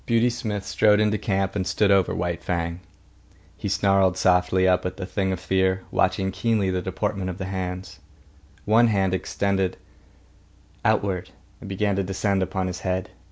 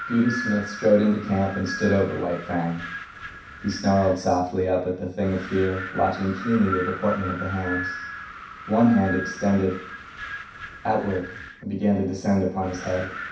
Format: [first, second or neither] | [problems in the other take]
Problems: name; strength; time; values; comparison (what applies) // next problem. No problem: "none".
first | background sound (Wind); 11 dB below the speech // room echo; dies away in 0.6 s